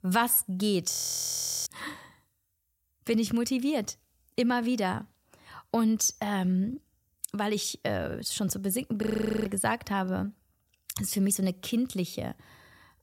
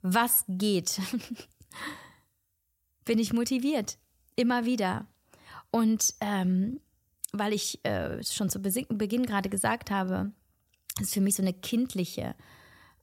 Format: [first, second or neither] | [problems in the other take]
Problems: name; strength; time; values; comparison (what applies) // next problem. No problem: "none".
second | audio freezing; at 1 s for 0.5 s and at 9 s